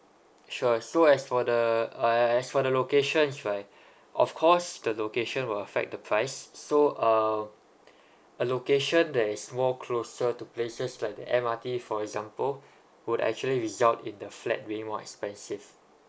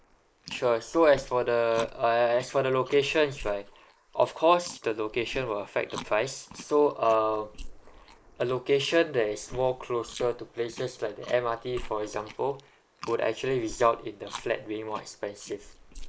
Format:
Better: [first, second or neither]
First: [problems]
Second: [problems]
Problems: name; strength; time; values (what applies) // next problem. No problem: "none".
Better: first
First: none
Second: noise reduction (neural mask model Resemble Enhance denoiser)